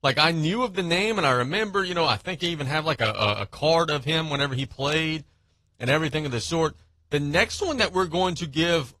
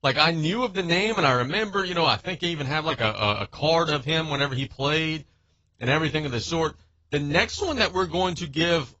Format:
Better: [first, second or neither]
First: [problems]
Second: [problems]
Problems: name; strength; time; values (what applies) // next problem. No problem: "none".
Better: first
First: garbled, watery; slightly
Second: garbled, watery; badly; nothing above 7.5 kHz